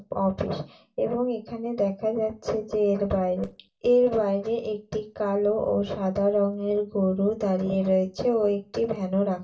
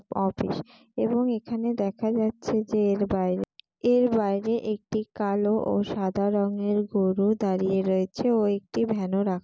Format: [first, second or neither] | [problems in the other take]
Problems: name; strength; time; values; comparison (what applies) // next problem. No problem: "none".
second | room echo; dies away in 0.2 s